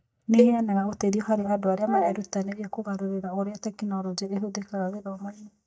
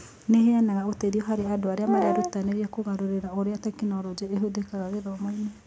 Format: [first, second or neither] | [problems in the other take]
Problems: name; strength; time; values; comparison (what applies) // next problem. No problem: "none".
second | noise reduction (neural mask model DeepFilterNet 3)